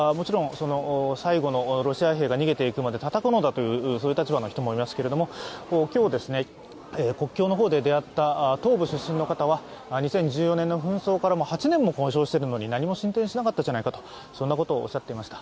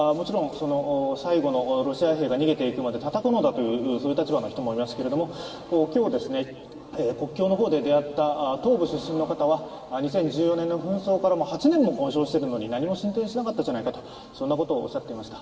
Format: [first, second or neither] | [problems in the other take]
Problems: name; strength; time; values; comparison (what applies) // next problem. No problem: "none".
first | room echo; dies away in 2.4 s